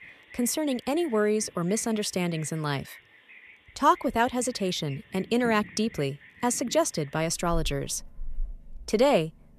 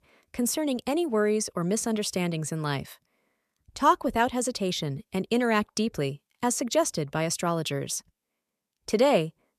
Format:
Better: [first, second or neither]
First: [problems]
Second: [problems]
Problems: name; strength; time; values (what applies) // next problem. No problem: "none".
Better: second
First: animal sounds; noticeable; throughout; 20 dB below the speech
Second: none